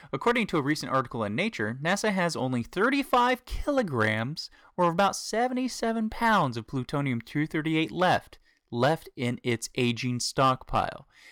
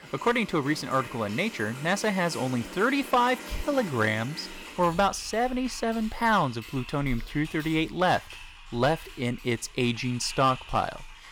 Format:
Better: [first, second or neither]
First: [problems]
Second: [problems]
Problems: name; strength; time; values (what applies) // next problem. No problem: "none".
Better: first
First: none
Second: household noises; noticeable; throughout; 15 dB below the speech